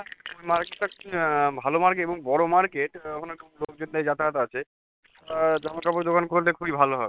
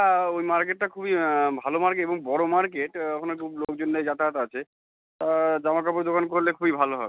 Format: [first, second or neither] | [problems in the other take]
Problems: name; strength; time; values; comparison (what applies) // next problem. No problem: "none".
second | noise reduction (neural separator model SepFormer WHAM!)